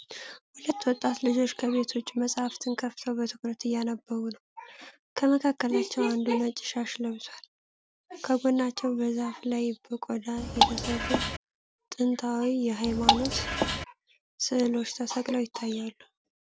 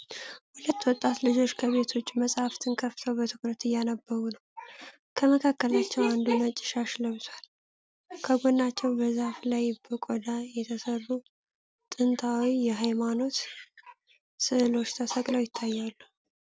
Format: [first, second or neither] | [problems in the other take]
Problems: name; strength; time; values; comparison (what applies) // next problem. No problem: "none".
second | background sound (Drip / Water); 3 dB above the speech